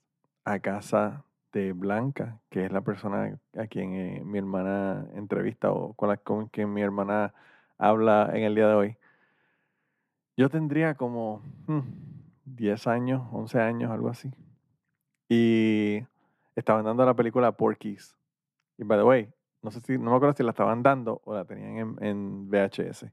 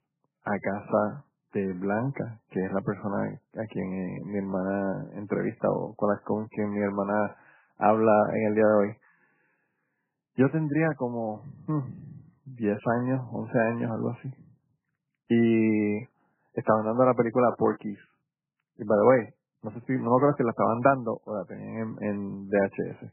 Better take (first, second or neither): first